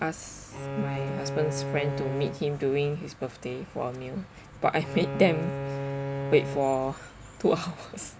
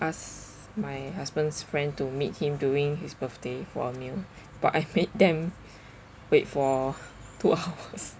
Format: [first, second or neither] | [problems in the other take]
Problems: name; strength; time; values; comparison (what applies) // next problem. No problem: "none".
second | background sound (Bowed string instrument); 5 dB below the speech